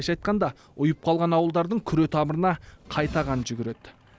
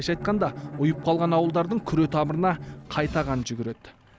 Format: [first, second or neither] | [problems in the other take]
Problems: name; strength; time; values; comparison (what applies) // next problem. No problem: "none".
first | background sound (Bowed string instrument); 14 dB below the speech